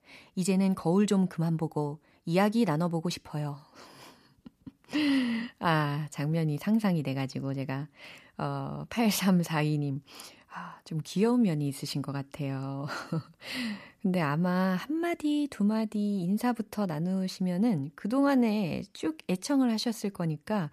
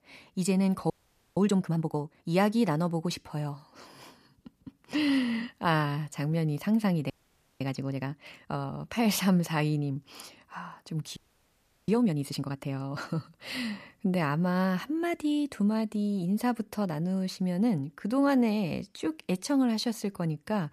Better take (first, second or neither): first